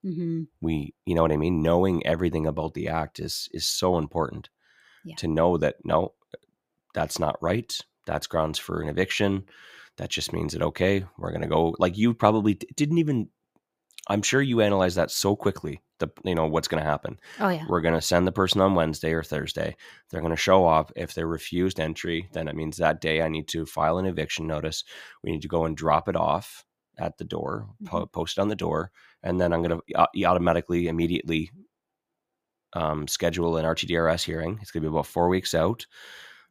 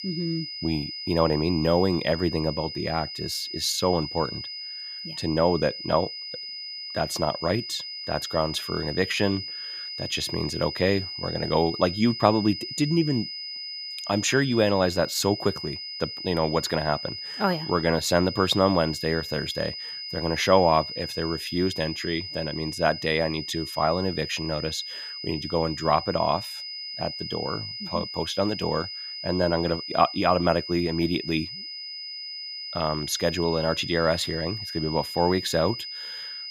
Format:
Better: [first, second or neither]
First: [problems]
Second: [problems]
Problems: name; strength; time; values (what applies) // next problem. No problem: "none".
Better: first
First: none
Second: high-pitched whine; loud; throughout; 5 kHz, 7 dB below the speech